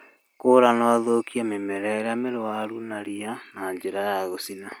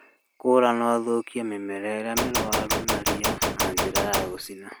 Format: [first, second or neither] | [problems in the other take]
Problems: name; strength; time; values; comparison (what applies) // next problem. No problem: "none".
first | background sound (Gunshot, gunfire); 1 dB above the speech